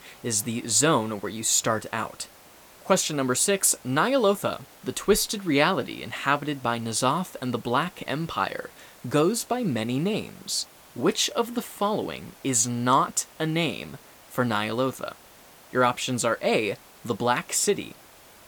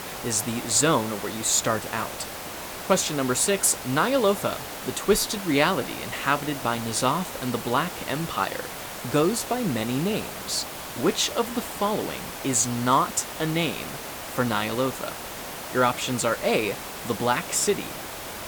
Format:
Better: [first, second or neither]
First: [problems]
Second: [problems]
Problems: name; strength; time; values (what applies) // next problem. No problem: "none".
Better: first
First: hiss; faint; throughout; 25 dB below the speech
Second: hiss; loud; throughout; 9 dB below the speech